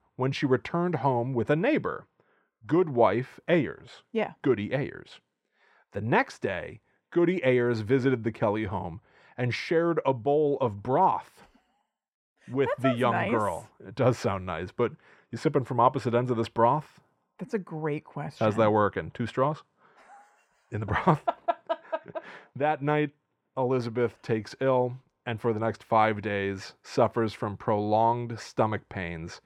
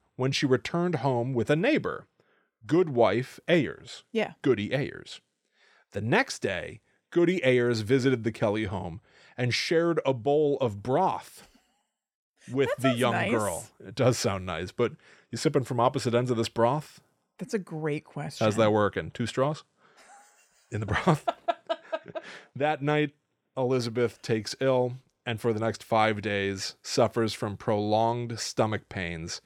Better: second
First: muffled; slightly; fading above 3.5 kHz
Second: none

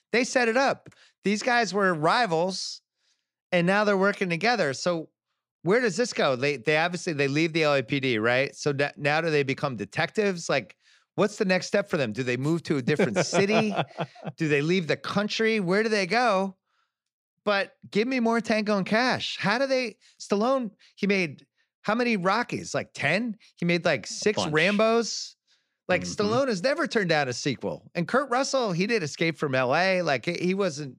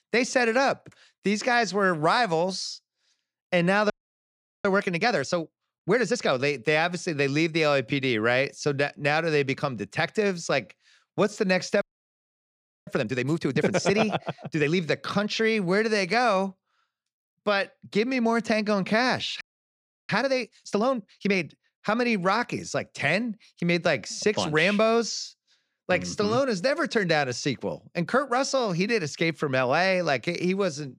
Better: first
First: none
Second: audio freezing; at 4 s for 0.5 s, at 12 s for 1 s and at 19 s for 0.5 s

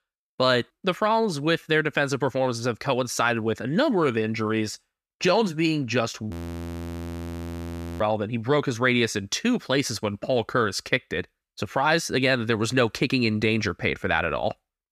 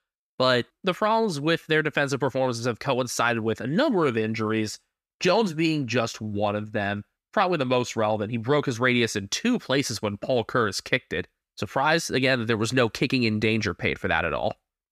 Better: second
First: audio freezing; at 6.5 s for 1.5 s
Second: none

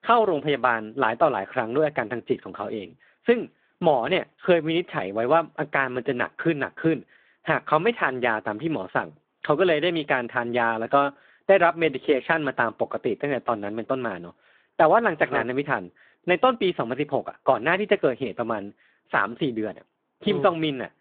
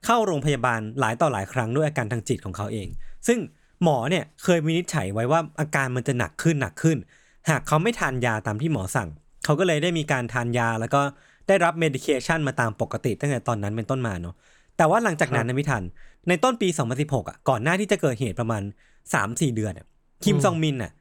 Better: second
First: phone-call audio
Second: none

